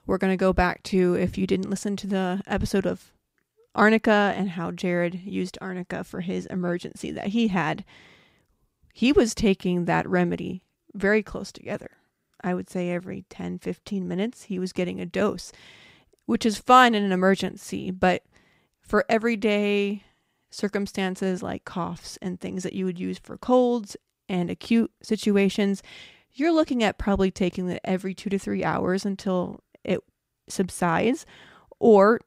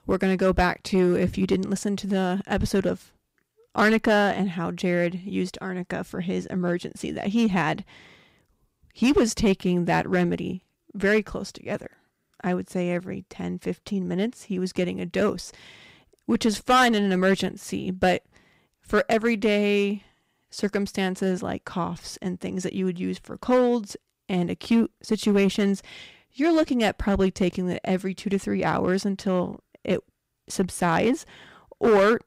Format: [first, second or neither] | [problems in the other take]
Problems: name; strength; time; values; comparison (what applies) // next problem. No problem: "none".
first | distortion; slight; 3% of the sound clipped